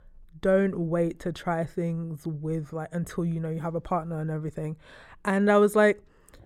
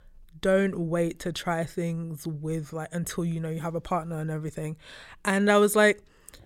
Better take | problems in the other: second | muffled; slightly; fading above 2 kHz

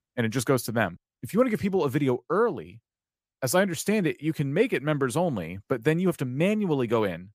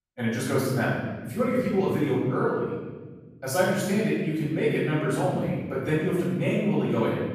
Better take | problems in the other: first | room echo; strong; dies away in 1.3 s // off-mic speech; far

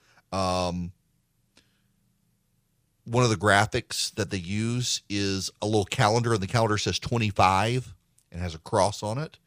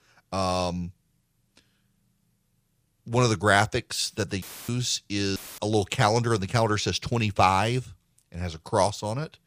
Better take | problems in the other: first | audio cutting out; filled with static; at 4.5 s and at 5.5 s

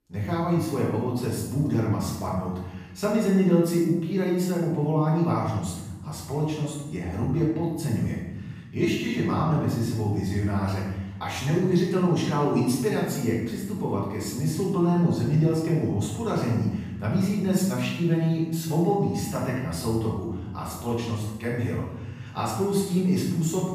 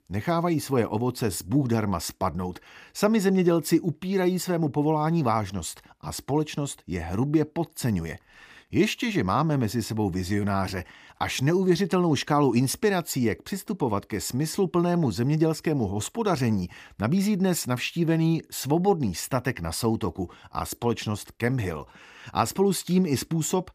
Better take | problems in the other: second | off-mic speech; far // room echo; noticeable; dies away in 1.2 s

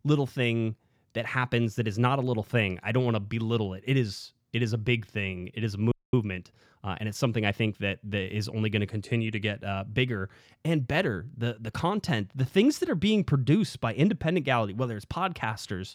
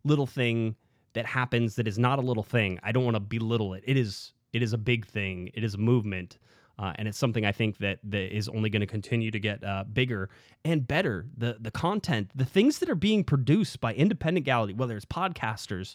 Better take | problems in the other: second | audio freezing; at 6 s

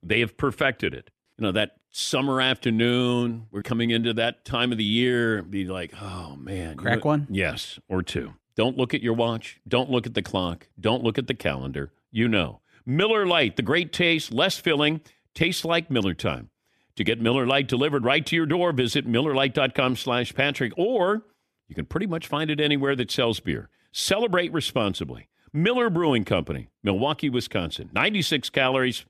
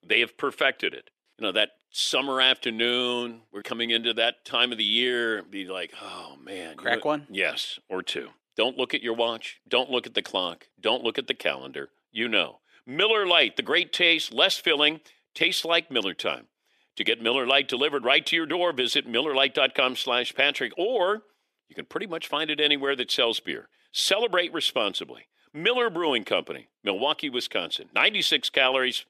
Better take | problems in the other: first | thin; somewhat; fading below 450 Hz

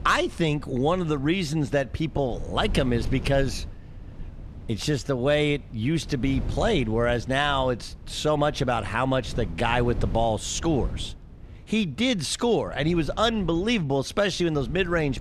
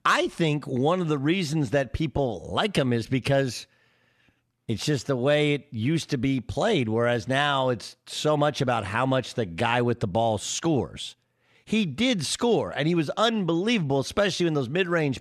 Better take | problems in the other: second | wind noise on the microphone; occasional gusts; 20 dB below the speech

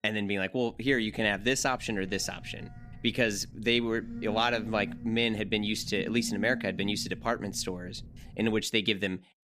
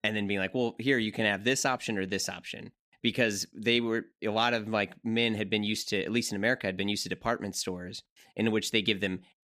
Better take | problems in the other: second | phone ringing; noticeable; from 0.5 to 8.5 s; peak 7 dB below the speech

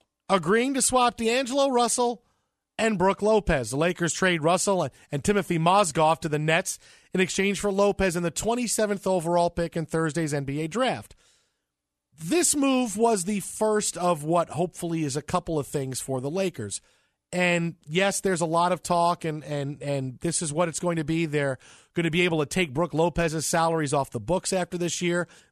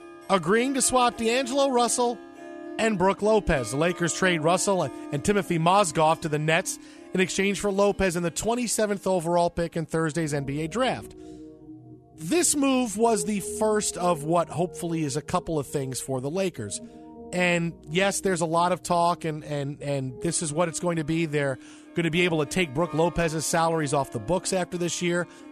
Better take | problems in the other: first | background music; noticeable; throughout; 20 dB below the speech

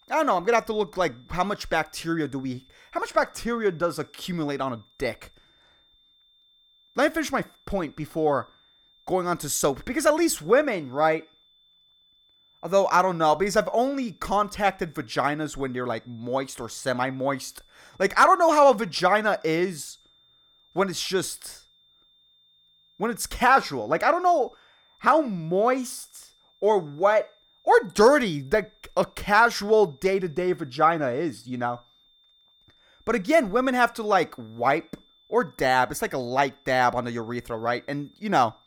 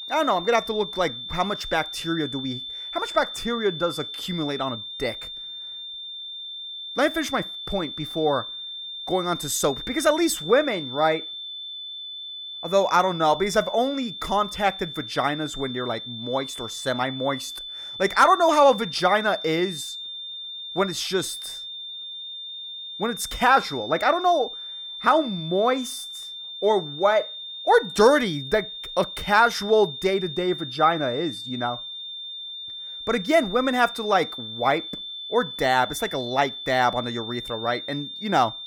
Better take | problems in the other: first | high-pitched whine; loud; throughout; 3.5 kHz, 9 dB below the speech; faint in the first

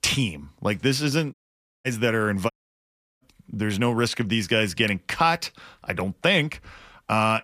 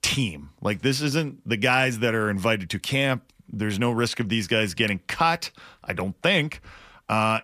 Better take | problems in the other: second | audio cutting out; at 1.5 s for 0.5 s and at 2.5 s for 0.5 s

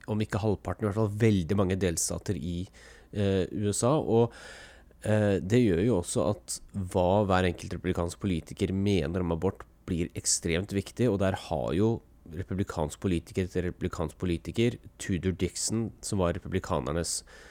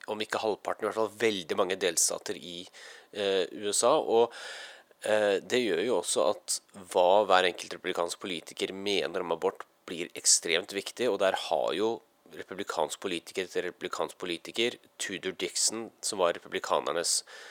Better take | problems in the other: first | thin; very; fading below 600 Hz

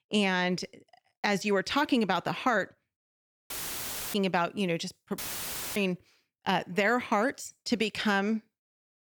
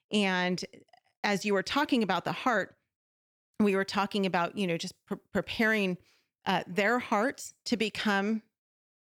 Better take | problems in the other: second | audio cutting out; filled with static; at 3.5 s for 0.5 s and at 5 s for 0.5 s

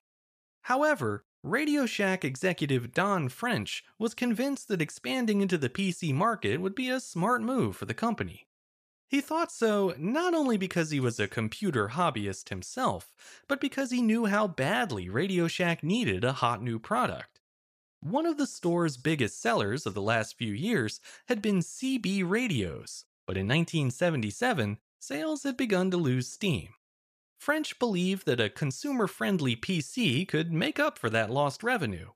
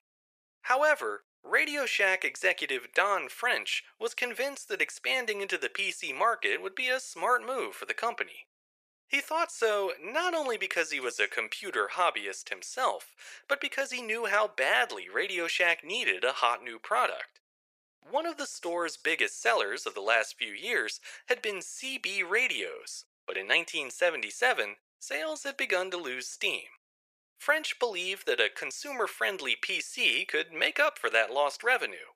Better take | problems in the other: first | thin; very; fading below 450 Hz

